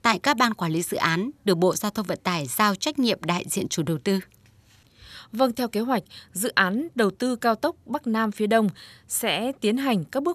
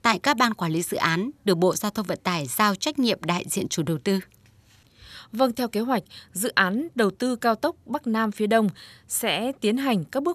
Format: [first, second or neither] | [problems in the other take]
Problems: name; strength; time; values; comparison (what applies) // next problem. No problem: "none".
neither | none